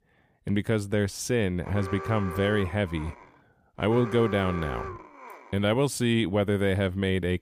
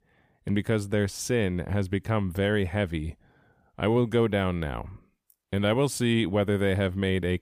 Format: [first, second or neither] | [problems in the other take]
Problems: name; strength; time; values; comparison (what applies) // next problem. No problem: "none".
second | alarm; noticeable; from 1.5 to 5.5 s; peak 9 dB below the speech